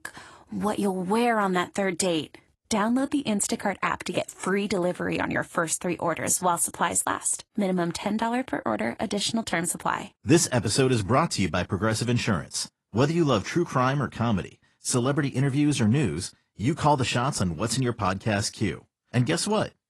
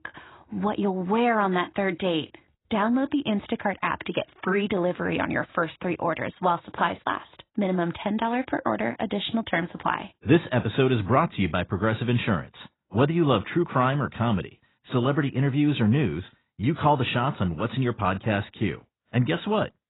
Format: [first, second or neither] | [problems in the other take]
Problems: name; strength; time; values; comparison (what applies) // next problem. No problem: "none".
first | garbled, watery; badly; nothing above 4 kHz; slightly in the first